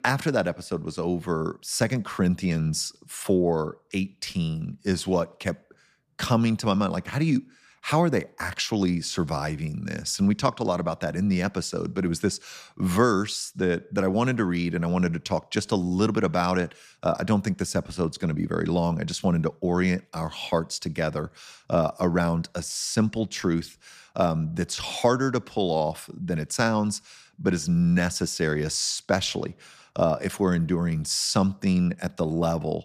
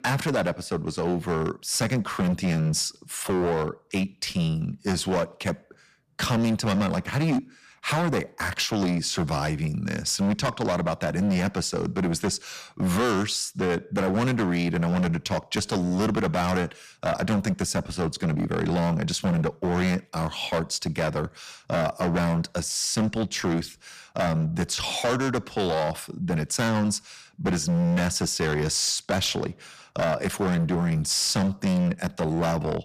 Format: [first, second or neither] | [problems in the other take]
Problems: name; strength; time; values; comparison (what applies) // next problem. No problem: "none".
first | distortion; heavy; 17% of the sound clipped